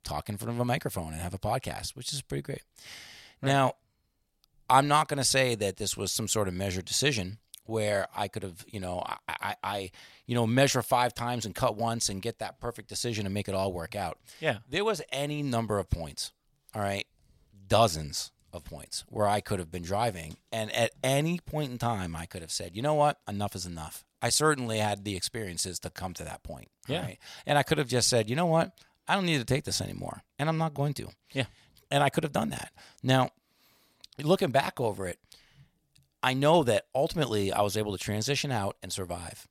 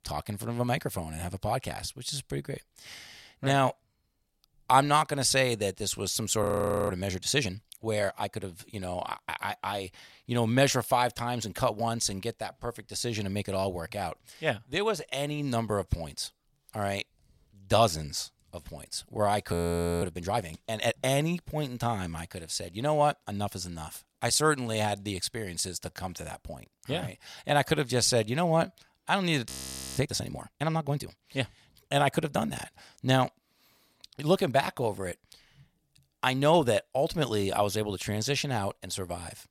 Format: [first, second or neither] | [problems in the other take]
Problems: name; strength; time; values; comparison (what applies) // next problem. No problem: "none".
first | audio freezing; at 6.5 s, at 20 s and at 29 s